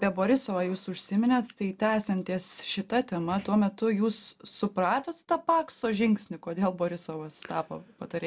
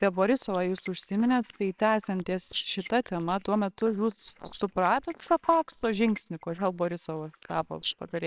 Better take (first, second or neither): first